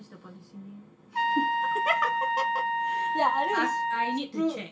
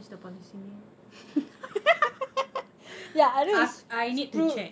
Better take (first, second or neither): second